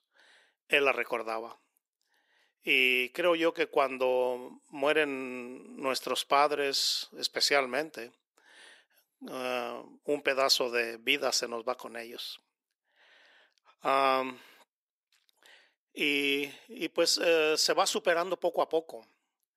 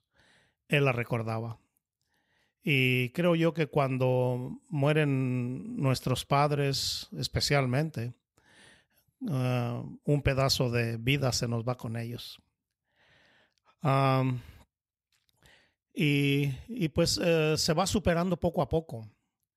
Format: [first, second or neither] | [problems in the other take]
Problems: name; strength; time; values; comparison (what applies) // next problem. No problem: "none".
second | thin; very; fading below 350 Hz